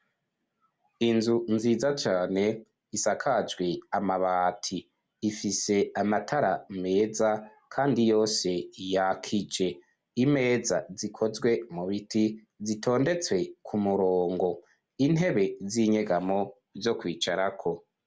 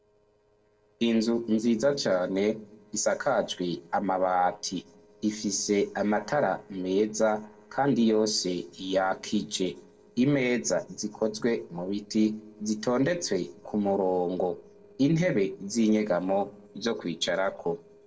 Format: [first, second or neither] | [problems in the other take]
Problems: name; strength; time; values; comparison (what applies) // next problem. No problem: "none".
first | noise reduction (neural separator model SepFormer DNS4)